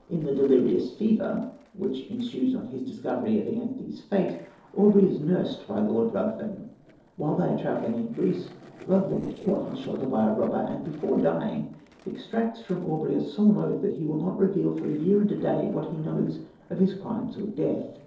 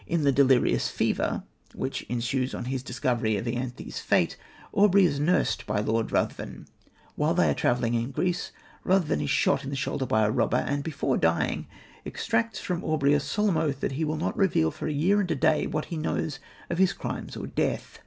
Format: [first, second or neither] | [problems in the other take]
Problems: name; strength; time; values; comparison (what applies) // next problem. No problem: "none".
second | noise reduction (neural separator model SepFormer DNS4)